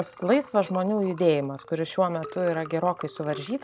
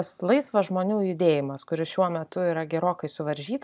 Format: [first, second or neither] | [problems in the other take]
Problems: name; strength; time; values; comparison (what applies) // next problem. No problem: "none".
second | background sound (Liquid); 18 dB below the speech